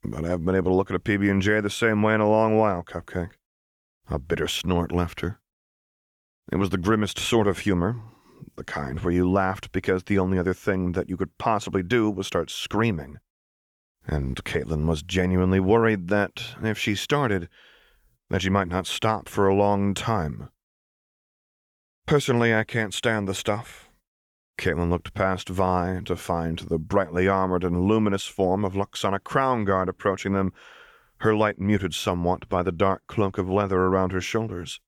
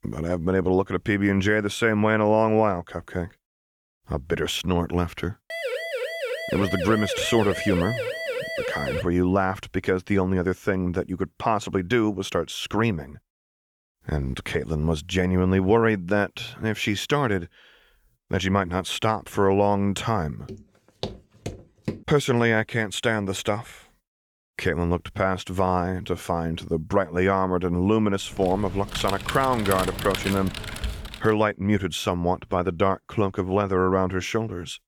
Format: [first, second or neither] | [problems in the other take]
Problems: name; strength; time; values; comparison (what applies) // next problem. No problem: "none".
first | siren; noticeable; from 5.5 to 9 s; peak 4 dB below the speech // footsteps; faint; from 20 to 22 s; peak 10 dB below the speech // keyboard typing; noticeable; from 28 to 31 s; peak 5 dB below the speech